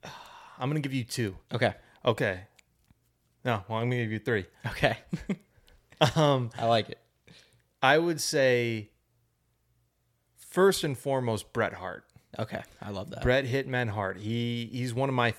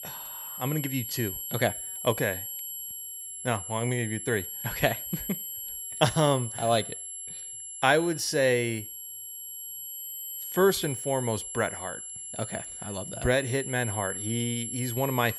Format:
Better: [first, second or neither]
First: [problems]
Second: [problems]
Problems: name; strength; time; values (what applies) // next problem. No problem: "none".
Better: first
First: none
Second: high-pitched whine; loud; throughout; 11.5 kHz, 6 dB below the speech